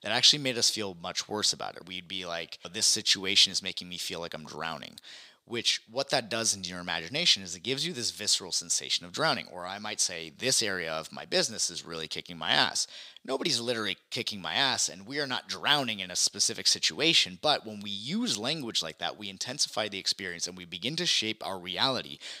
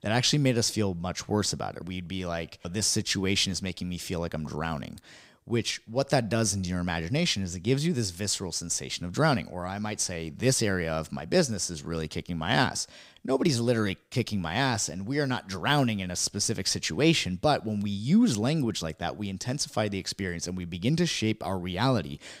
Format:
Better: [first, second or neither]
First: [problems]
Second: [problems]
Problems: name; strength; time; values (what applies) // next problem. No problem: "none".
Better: second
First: thin; somewhat; fading below 700 Hz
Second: none